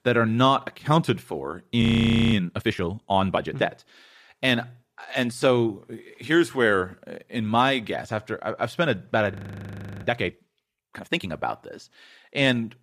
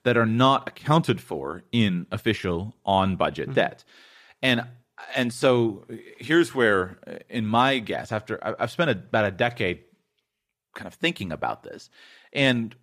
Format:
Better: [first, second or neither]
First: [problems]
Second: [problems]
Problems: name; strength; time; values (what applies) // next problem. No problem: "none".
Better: second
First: audio freezing; at 2 s for 0.5 s and at 9.5 s for 0.5 s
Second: none